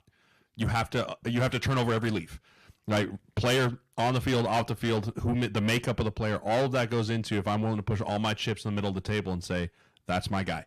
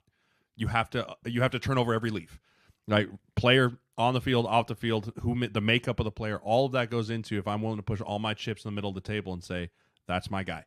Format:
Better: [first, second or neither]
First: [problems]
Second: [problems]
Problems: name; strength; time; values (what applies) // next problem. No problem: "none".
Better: second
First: distortion; heavy; 7 dB below the speech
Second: none